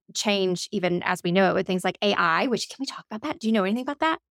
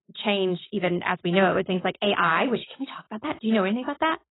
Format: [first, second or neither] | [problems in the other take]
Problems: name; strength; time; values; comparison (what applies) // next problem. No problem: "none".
first | garbled, watery; badly; nothing above 4 kHz